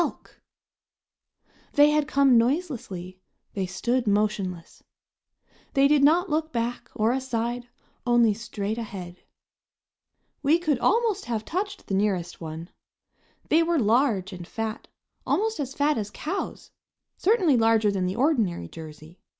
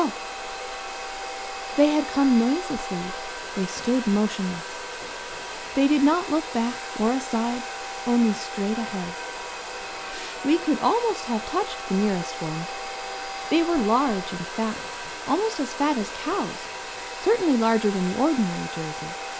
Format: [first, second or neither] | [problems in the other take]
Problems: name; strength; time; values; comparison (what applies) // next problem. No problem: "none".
first | background sound (Domestic sounds, home sounds); 8 dB below the speech